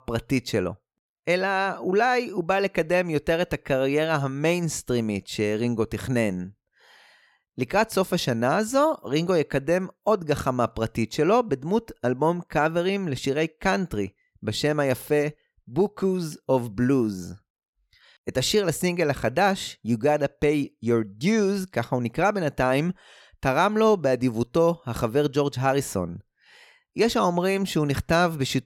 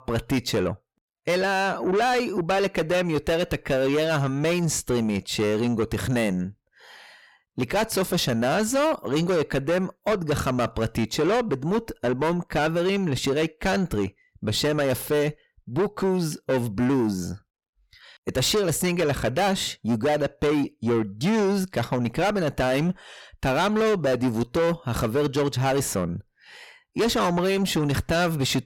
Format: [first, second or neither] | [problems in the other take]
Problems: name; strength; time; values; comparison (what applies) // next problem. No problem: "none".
first | distortion; heavy; 8 dB below the speech